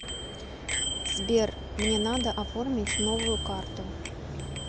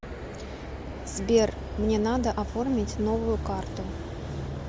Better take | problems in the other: second | background sound (Bicycle bell); 2 dB below the speech

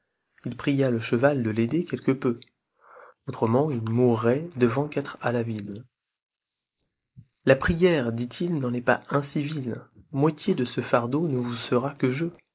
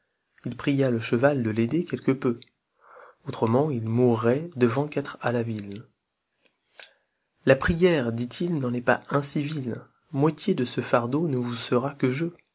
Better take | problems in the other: second | noise reduction (neural mask model Resemble Enhance denoiser)

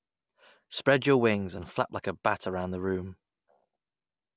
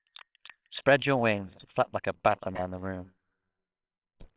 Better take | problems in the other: first | noise reduction (neural separator model SepFormer WHAMR!)

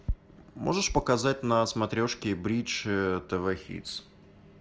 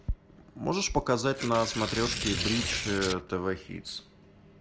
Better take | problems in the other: first | background sound (Tearing); 4 dB below the speech

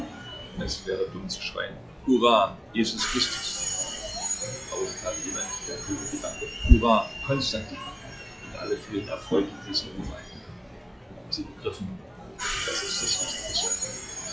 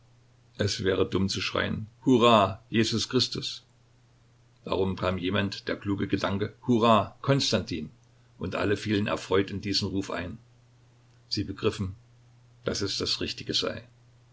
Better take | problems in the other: second | noise reduction (classical method log-MMSE)

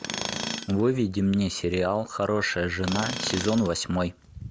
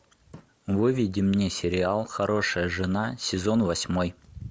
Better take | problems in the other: second | background sound (Tools); 10 dB below the speech

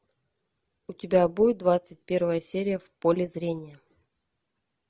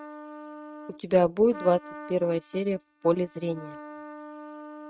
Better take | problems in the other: first | noise reduction (neural mask model RNNoise)

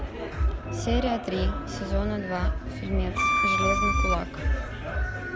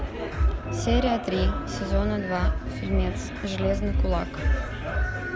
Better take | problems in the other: second | background sound (Bowed string instrument); 3 dB above the speech

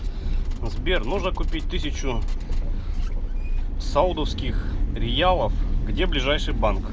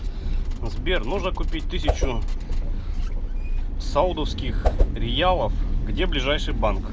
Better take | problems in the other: first | background sound (Whoosh, swoosh, swish); as loud as the speech

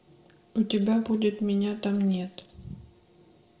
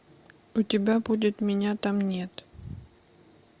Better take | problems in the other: second | room echo; dies away in 0.5 s

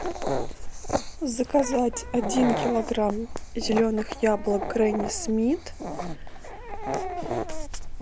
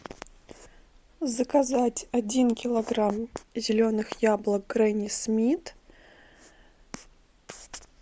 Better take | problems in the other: second | background sound (Dog); 4 dB below the speech

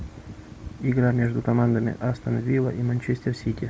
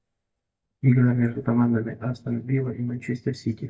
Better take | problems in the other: first | noise reduction (neural mask model DeepFilterNet 3)

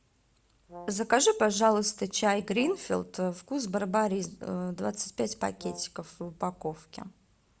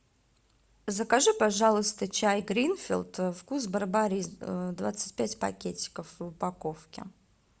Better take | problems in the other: second | background sound (Brass instrument); 18 dB below the speech

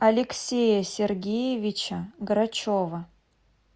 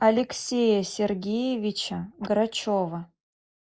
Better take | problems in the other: first | noise reduction (neural mask model Resemble Enhance denoiser)

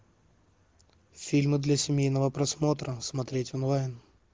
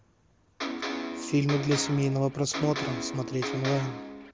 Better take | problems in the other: first | background sound (Electric guitar); 5 dB below the speech

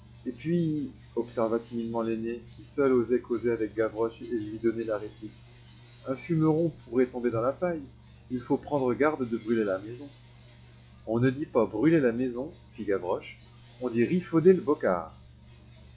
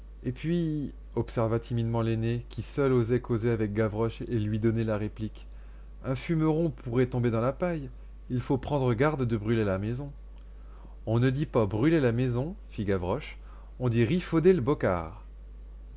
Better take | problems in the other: second | noise reduction (classical method log-MMSE)

